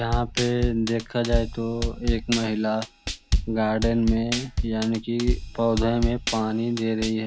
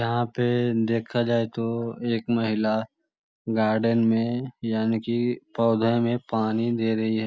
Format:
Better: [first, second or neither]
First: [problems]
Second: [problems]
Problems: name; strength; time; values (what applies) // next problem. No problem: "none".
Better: second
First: background sound (Drum kit); 3 dB below the speech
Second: none